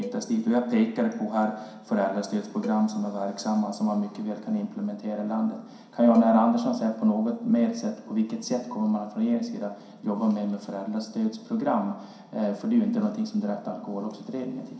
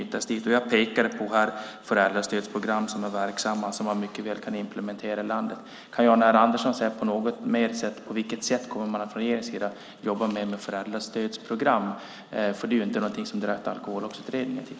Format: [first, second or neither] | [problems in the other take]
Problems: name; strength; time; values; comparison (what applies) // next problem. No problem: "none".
second | background sound (Cowbell); 20 dB below the speech // room echo; dies away in 0.5 s